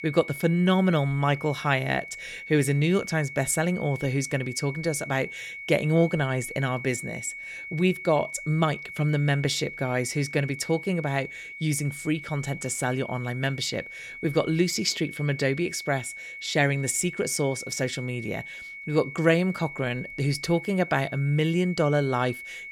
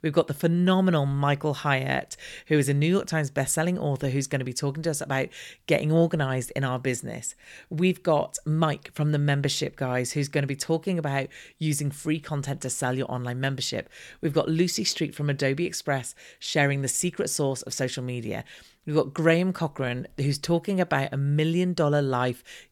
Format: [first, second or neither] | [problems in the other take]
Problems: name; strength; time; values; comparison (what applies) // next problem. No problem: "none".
second | high-pitched whine; noticeable; throughout; 2 kHz, 10 dB below the speech